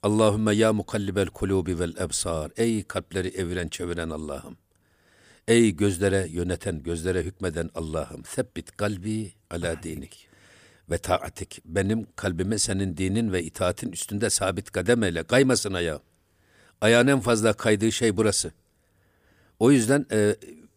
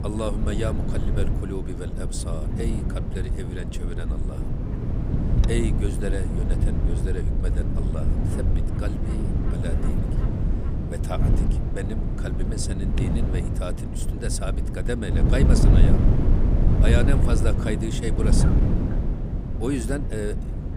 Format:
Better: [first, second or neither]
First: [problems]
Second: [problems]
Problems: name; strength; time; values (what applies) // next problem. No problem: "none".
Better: first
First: none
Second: wind noise on the microphone; heavy; 1 dB below the speech